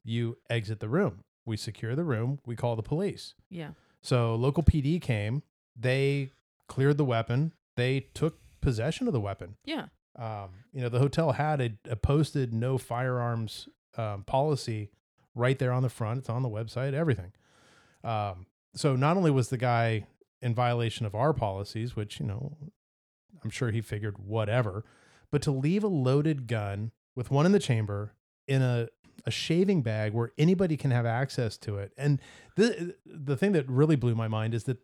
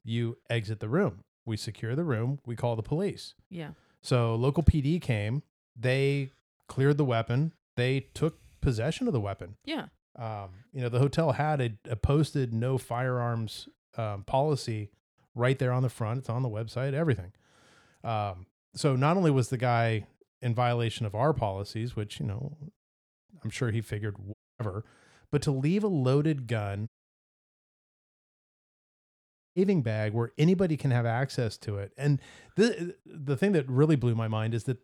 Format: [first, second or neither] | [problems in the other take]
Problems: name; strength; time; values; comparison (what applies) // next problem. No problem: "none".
first | audio cutting out; at 24 s and at 27 s for 2.5 s